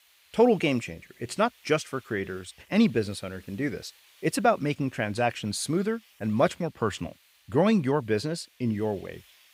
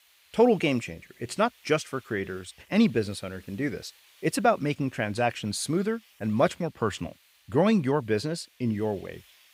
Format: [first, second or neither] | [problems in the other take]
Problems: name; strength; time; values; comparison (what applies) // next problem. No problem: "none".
neither | hiss; faint; throughout; 30 dB below the speech; the same in both